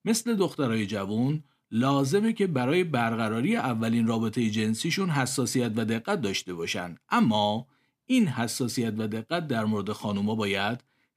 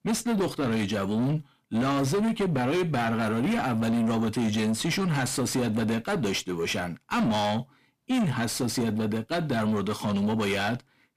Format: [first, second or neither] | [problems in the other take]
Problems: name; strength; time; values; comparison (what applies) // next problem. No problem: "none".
first | distortion; heavy; 7 dB below the speech